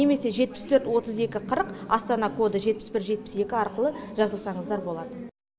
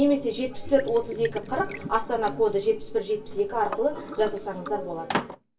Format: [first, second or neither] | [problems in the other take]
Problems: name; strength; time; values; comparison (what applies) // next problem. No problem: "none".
first | background sound (Liquid); 13 dB below the speech // room echo; dies away in 0.2 s